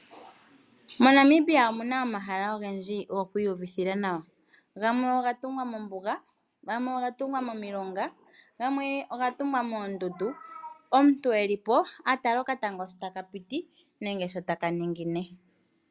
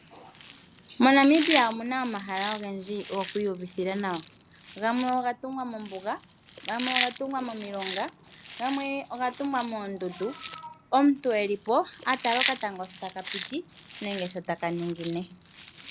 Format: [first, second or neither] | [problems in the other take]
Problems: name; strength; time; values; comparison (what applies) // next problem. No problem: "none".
first | background sound (Chewing, mastication); 10 dB below the speech